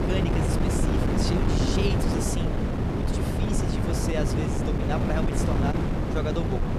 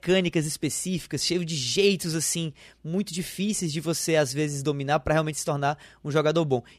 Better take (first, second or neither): second